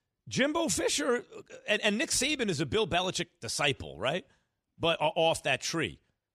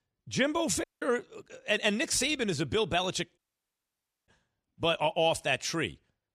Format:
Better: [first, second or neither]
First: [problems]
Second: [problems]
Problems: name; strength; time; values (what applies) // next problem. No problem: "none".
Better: first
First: none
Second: audio cutting out; at 1 s and at 3.5 s for 1 s